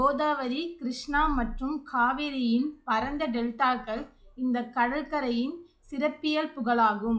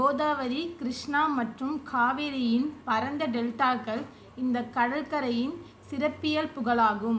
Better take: second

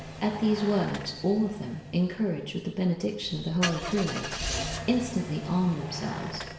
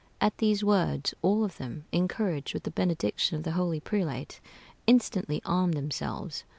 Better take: second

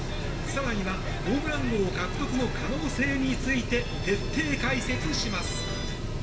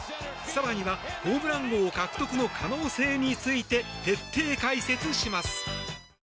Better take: second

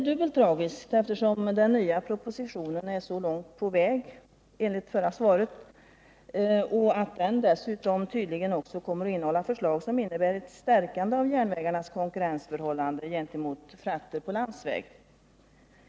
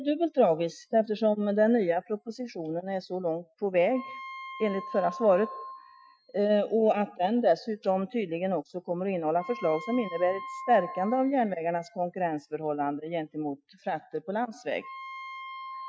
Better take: first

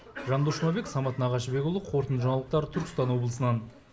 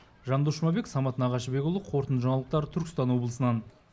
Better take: second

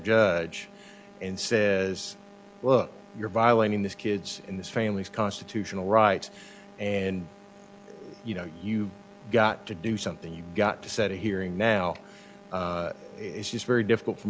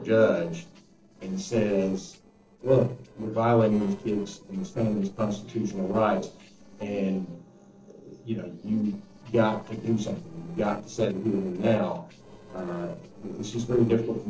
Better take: first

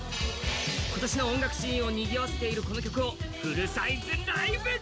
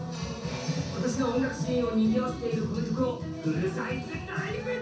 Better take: first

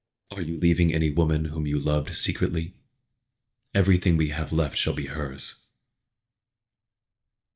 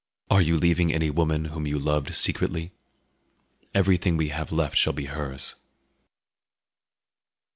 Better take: second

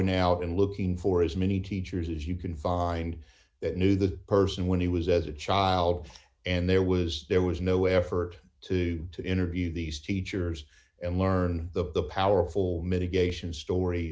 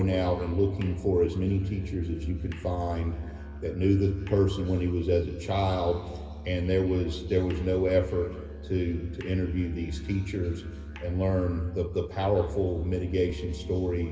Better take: first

